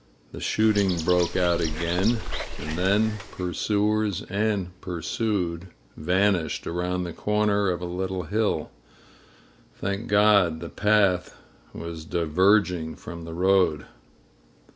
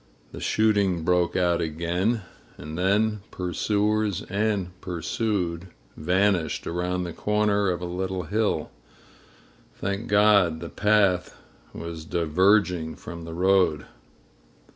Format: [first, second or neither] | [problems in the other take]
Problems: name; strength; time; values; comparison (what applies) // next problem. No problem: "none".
second | background sound (Bird); 6 dB below the speech